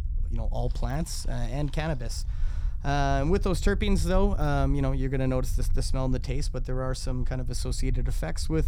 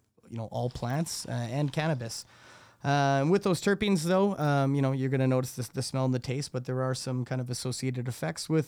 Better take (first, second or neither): second